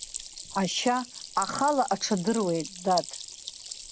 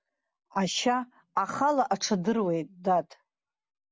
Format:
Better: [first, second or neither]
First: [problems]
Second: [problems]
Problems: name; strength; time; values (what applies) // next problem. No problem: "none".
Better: second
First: background sound (Stream); 11 dB below the speech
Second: none